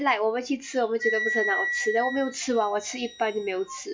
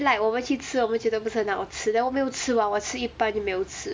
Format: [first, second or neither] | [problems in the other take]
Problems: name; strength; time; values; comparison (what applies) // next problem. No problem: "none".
second | noise reduction (classical method log-MMSE)